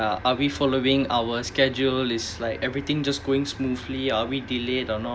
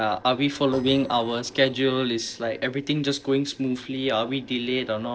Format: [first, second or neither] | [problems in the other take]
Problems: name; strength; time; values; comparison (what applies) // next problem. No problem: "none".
first | noise reduction (neural separator model SepFormer DNS4)